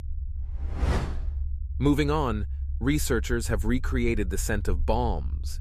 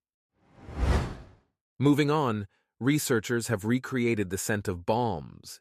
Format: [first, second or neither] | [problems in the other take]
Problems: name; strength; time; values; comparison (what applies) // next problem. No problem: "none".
second | low rumble; faint; throughout; 25 dB below the speech